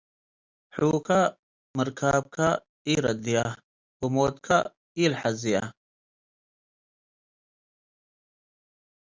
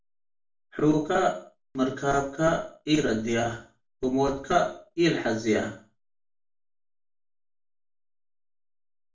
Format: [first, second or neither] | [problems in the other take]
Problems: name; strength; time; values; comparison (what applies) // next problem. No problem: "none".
first | room echo; dies away in 0.4 s